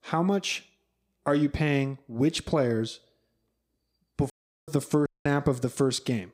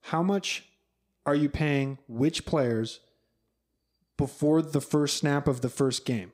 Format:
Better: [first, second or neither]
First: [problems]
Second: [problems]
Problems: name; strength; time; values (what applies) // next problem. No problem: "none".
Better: second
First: audio cutting out; at 4.5 s and at 5 s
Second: none